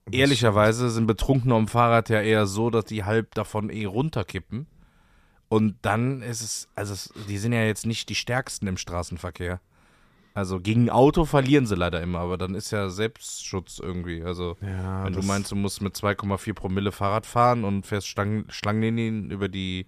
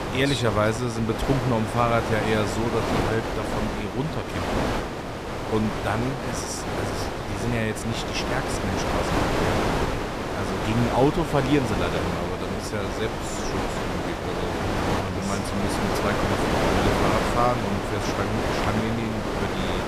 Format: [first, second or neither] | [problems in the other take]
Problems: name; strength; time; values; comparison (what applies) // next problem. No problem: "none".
first | wind noise on the microphone; heavy; 2 dB above the speech